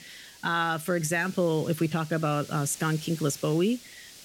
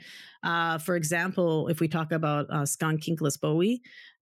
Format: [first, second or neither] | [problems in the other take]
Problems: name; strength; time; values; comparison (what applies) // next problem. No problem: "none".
second | hiss; noticeable; throughout; 15 dB below the speech